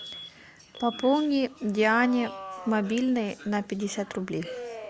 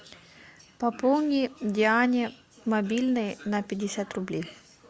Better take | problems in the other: second | background sound (Alarm); 15 dB below the speech

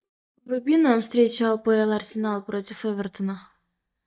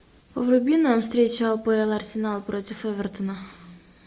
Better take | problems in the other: second | noise reduction (neural mask model DeepFilterNet 3)

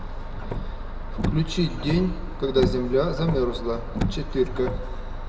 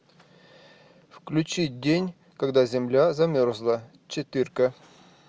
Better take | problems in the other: second | background sound (Car); 2 dB below the speech // room echo; dies away in 1 s

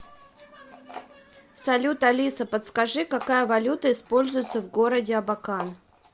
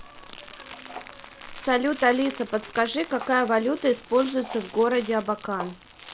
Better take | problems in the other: first | background sound (Crumpling, crinkling); 18 dB below the speech

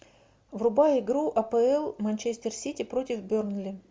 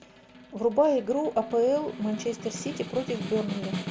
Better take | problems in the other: first | background sound (Snare drum); 11 dB below the speech

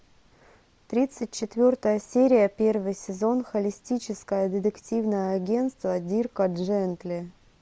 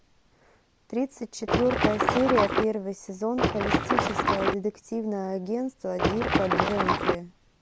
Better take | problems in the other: first | background sound (Water / Splash, splatter); 4 dB above the speech

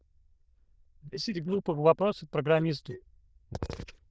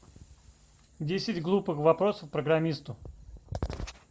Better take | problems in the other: second | noise reduction (neural diffusion model UNIVERSE++)

